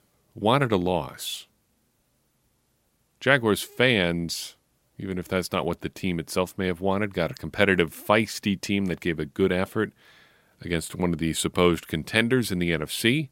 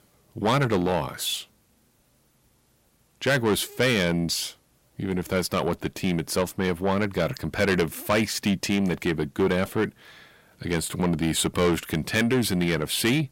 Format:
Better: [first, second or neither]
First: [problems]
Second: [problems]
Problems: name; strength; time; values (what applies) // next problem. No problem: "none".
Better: first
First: none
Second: distortion; heavy; 7 dB below the speech